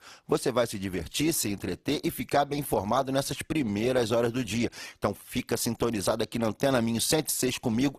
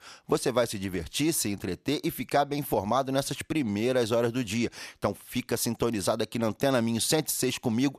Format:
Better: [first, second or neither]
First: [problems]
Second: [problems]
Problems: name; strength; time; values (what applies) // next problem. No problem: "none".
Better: second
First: garbled, watery; slightly; nothing above 14.5 kHz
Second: none